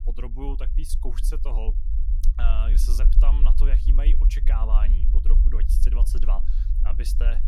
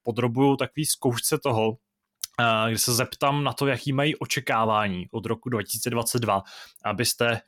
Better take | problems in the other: second | low rumble; loud; throughout; 7 dB below the speech

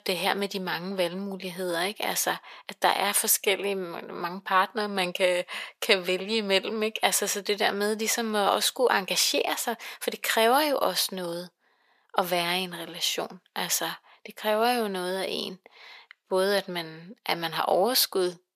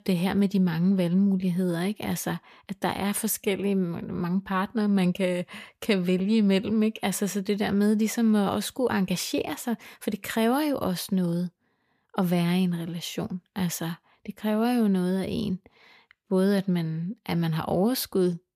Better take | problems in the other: second | thin; very; fading below 600 Hz

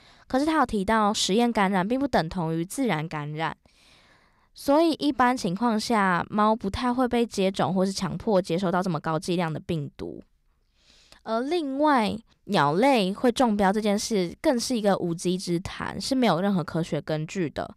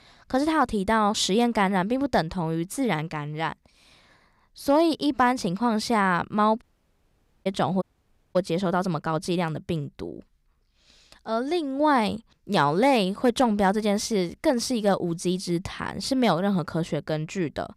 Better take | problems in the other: first | audio cutting out; at 6.5 s for 1 s and at 8 s for 0.5 s

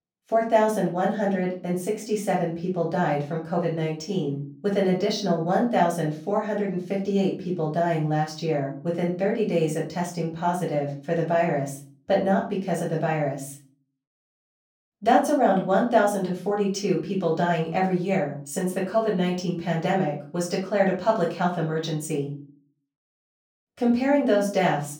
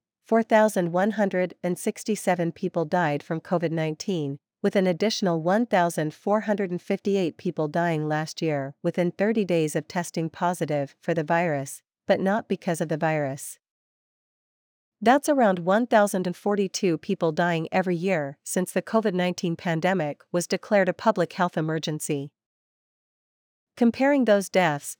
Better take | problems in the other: second | off-mic speech; far // room echo; slight; dies away in 0.4 s

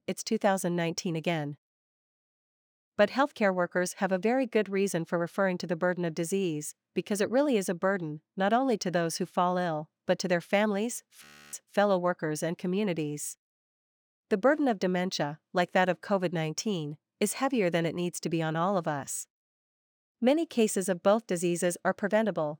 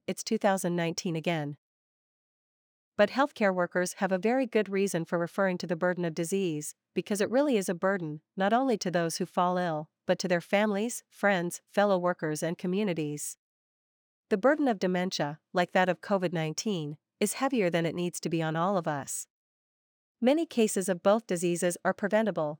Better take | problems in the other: second | audio freezing; at 11 s

